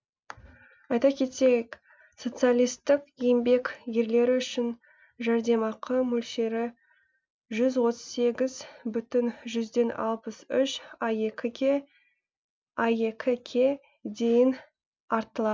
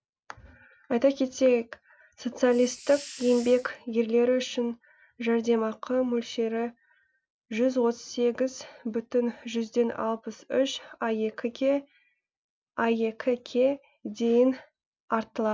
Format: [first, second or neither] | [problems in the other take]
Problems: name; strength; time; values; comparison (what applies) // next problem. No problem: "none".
first | background sound (Hiss); 17 dB below the speech